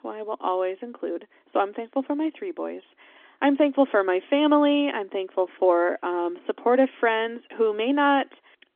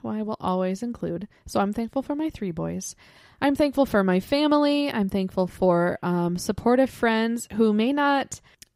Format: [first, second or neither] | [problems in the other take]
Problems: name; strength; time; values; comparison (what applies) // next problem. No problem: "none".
second | phone-call audio; nothing above 3.5 kHz